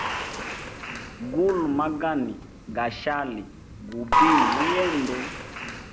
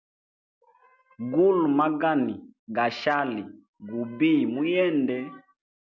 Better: second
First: background sound (Applause / Crowd); as loud as the speech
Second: none

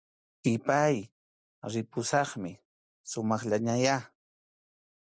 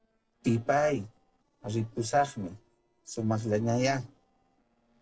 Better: first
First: none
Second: noise reduction (neural separator model SepFormer DNS4)

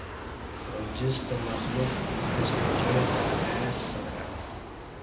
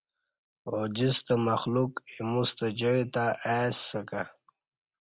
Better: second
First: background sound (Fixed-wing aircraft, airplane); 4 dB above the speech // room echo; dies away in 0.9 s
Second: none

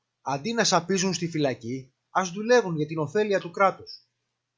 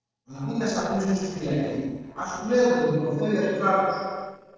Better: first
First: none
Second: noise reduction (neural separator model SepFormer DNS4)

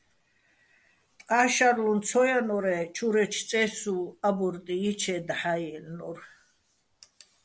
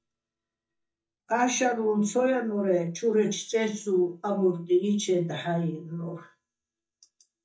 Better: first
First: none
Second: noise reduction (neural mask model DeepFilterNet 3)

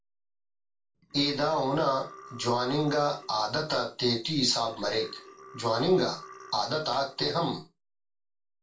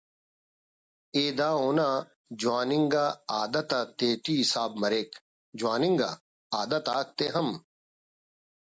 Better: second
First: background sound (Burping, eructation); 19 dB below the speech // room echo; dies away in 0.3 s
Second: none

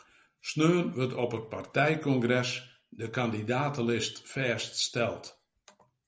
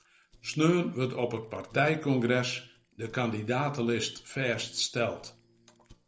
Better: first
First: none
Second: noise reduction (neural separator model SepFormer DNS4)

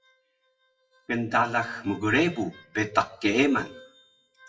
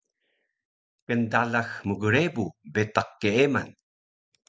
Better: second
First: noise reduction (classical method WPE with log-MMSE)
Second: none

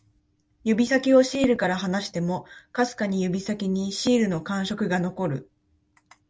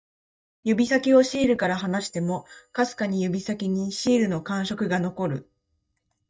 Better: first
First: none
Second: noise reduction (neural mask model DeepFilterNet 3)

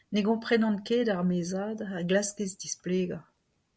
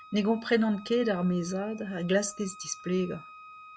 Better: first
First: none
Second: background sound (Wind instrument, woodwind instrument); 20 dB below the speech

